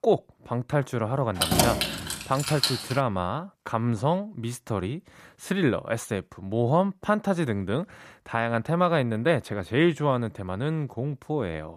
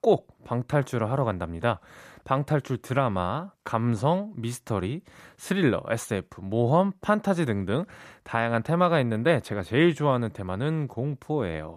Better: second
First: jangling keys; loud; from 1.5 to 3 s; peak 5 dB above the speech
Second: none

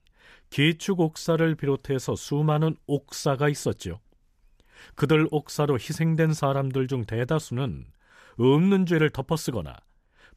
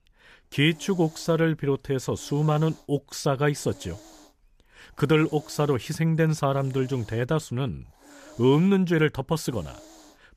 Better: first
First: none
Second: hiss; faint; throughout; 25 dB below the speech

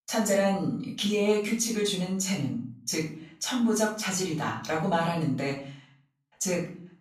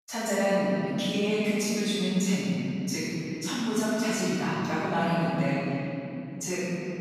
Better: first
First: room echo; slight; dies away in 0.4 s // off-mic speech; far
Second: room echo; strong; dies away in 3 s // off-mic speech; far

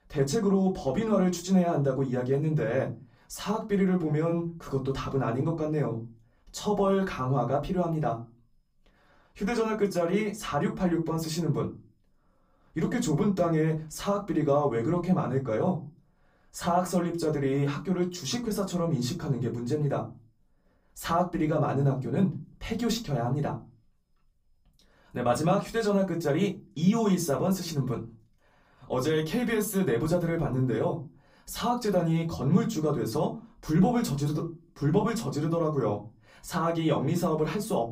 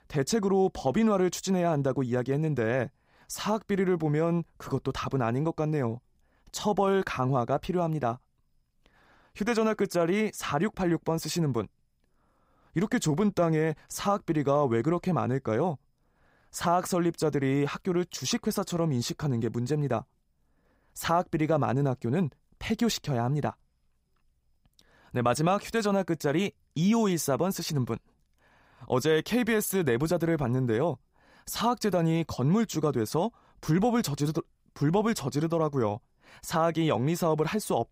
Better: second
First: off-mic speech; far // room echo; very slight; dies away in 0.3 s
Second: none

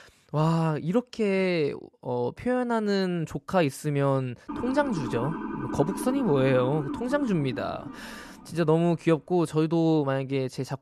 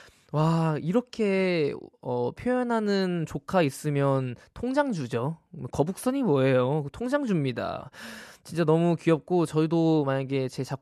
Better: second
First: siren; noticeable; from 4.5 to 8.5 s; peak 6 dB below the speech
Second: none

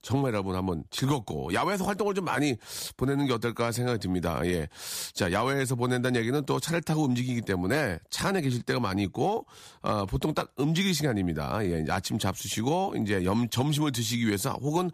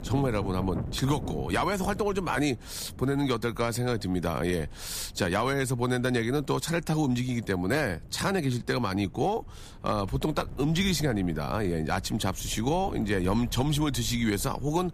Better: first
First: none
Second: wind noise on the microphone; occasional gusts; 20 dB below the speech

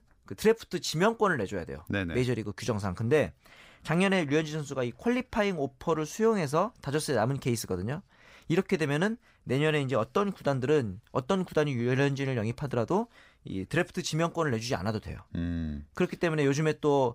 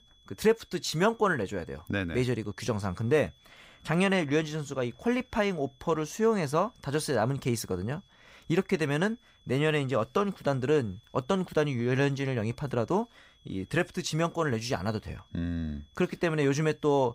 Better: first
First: none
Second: high-pitched whine; faint; throughout; 3.5 kHz, 30 dB below the speech

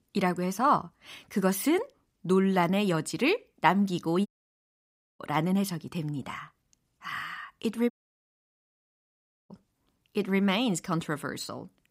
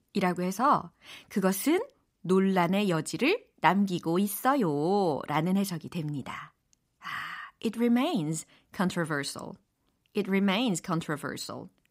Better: second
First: audio cutting out; at 4.5 s for 1 s and at 8 s for 1.5 s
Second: none

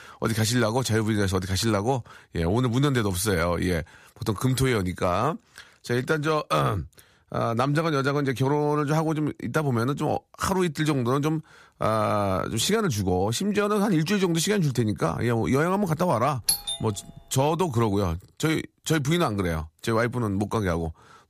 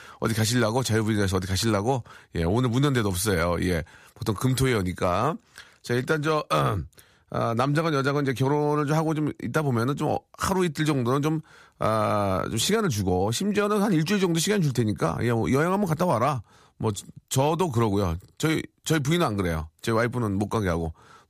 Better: second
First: doorbell; loud; at 16 s; peak 1 dB above the speech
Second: none

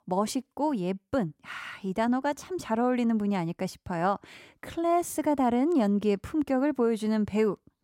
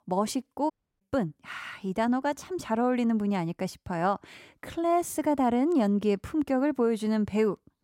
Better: first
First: none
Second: audio cutting out; at 0.5 s

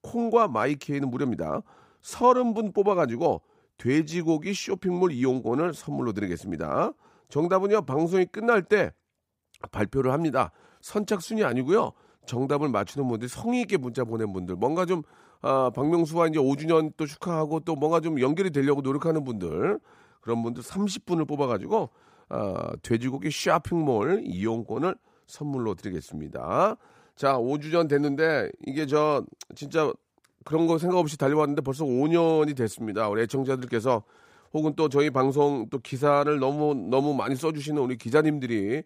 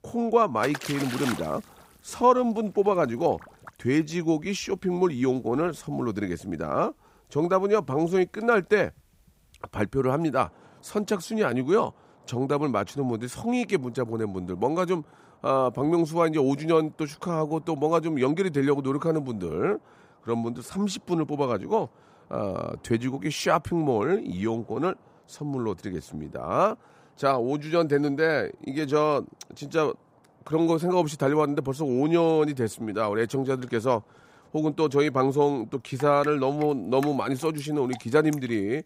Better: first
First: none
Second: rain or running water; noticeable; throughout; 20 dB below the speech

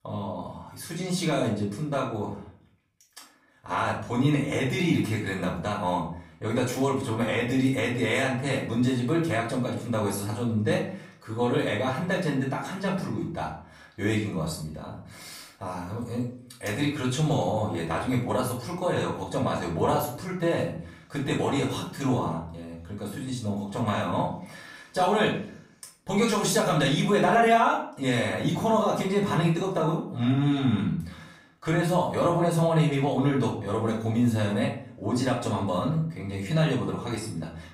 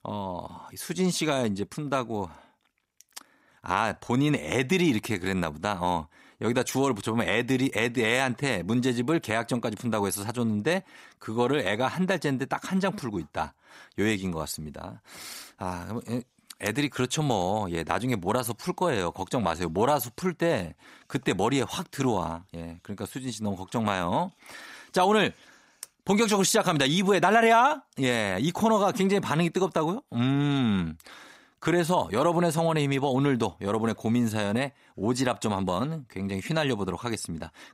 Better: second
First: room echo; slight; dies away in 0.5 s // off-mic speech; far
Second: none

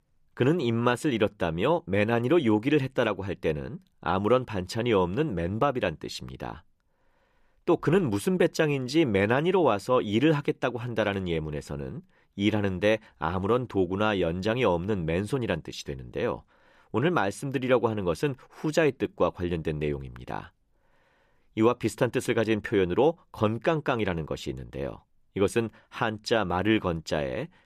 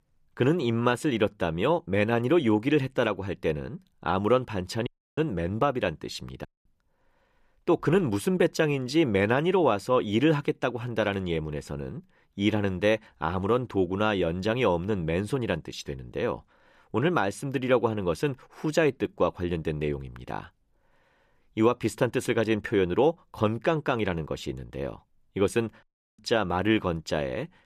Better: first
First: none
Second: audio cutting out; at 5 s, at 6.5 s and at 26 s

